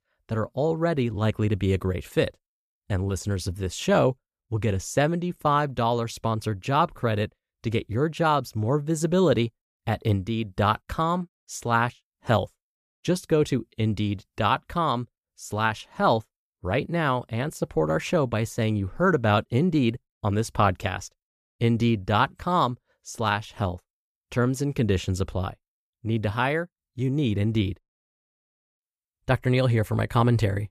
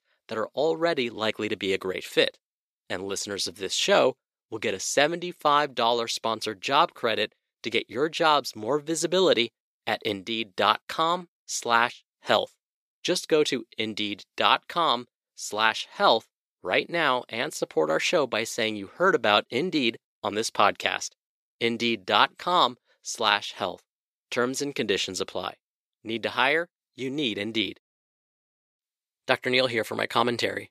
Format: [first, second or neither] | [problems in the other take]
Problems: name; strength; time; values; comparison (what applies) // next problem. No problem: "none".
first | thin; somewhat; fading below 350 Hz